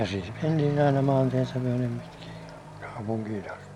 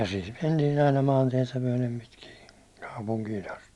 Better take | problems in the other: second | background sound (Accelerating, revving, vroom / Truck); 13 dB below the speech

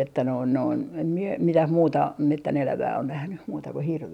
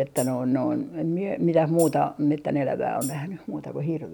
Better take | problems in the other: first | background sound (Tambourine); 18 dB below the speech

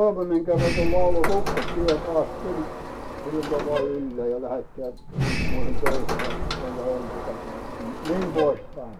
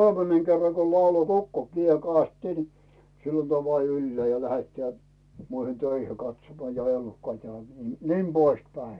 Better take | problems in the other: second | background sound (Sliding door); 1 dB above the speech

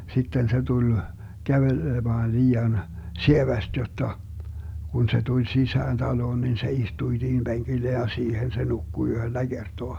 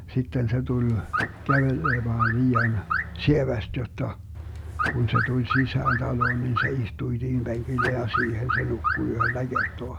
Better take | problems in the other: first | background sound (Alarm / Car); 3 dB below the speech

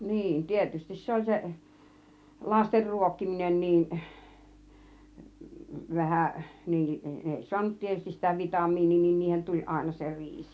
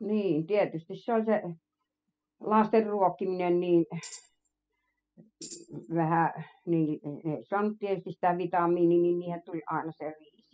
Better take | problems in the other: first | noise reduction (classical method spectral subtraction)

